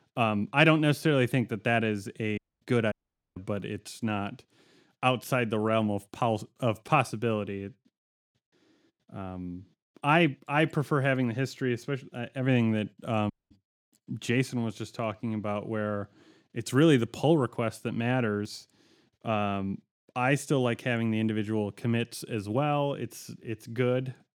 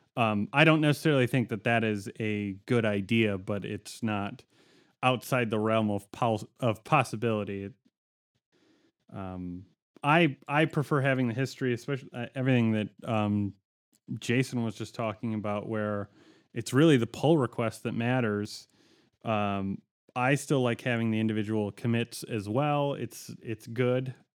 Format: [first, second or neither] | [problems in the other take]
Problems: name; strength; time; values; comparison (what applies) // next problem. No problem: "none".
second | audio cutting out; at 2.5 s, at 3 s and at 13 s